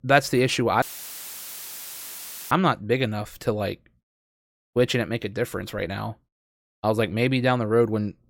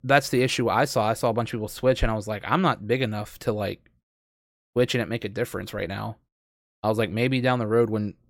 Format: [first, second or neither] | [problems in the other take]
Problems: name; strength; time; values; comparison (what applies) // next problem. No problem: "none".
second | audio cutting out; filled with static; at 1 s for 1.5 s